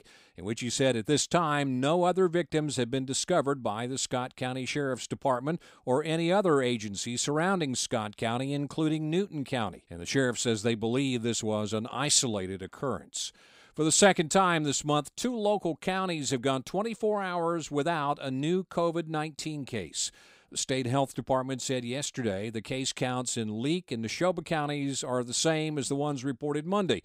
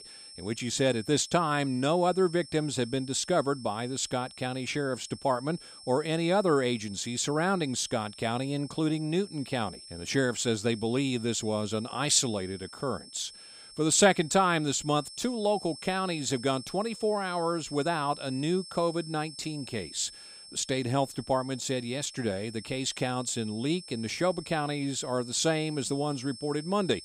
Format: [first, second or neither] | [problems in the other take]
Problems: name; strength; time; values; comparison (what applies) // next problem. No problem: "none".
first | high-pitched whine; noticeable; throughout; 5.5 kHz, 15 dB below the speech